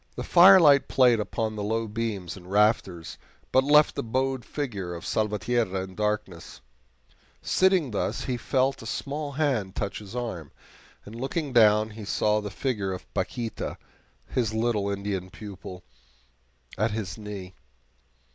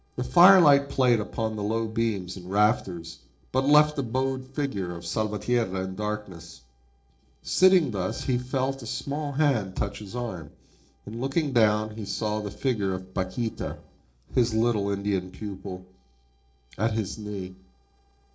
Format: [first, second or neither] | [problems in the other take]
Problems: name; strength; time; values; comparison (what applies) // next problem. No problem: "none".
first | noise reduction (neural separator model SepFormer DNS4)